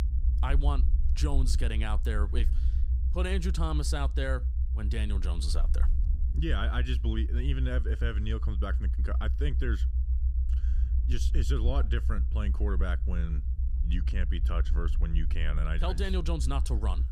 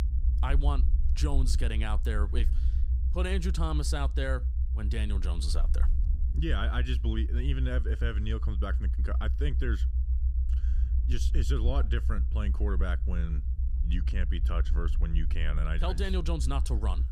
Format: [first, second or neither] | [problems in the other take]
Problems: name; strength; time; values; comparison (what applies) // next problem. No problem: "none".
neither | low rumble; noticeable; throughout; 10 dB below the speech; the same in both